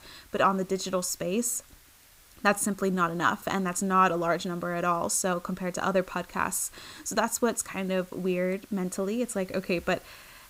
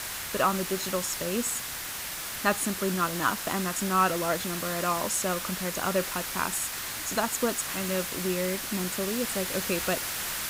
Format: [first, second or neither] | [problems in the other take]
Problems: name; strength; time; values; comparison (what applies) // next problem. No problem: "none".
first | hiss; loud; throughout; 2 dB below the speech; faint in the first